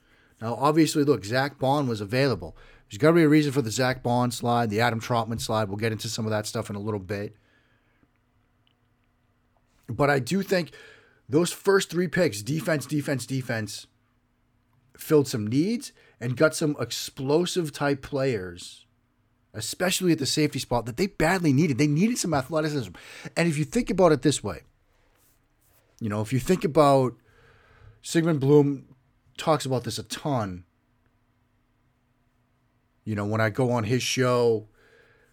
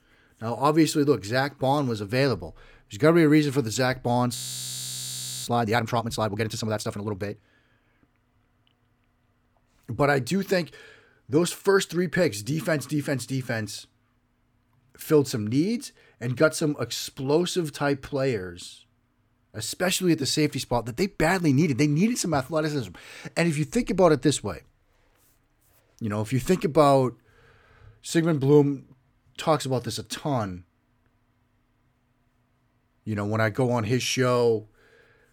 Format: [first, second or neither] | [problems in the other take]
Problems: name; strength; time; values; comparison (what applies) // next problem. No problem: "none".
first | audio freezing; at 4.5 s for 1 s